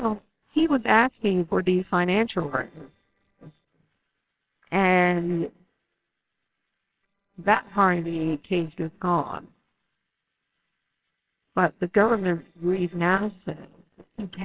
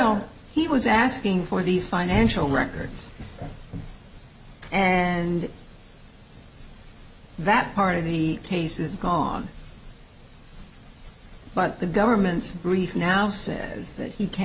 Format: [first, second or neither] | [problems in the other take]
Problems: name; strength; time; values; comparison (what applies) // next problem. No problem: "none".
second | noise reduction (neural separator model SepFormer WHAMR!)